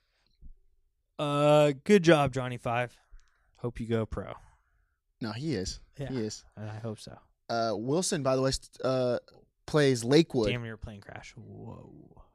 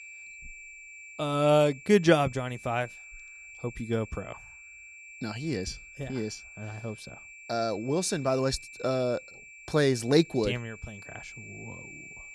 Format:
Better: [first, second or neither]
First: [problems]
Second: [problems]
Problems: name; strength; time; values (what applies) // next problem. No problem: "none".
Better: first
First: none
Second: high-pitched whine; noticeable; throughout; 2.5 kHz, 15 dB below the speech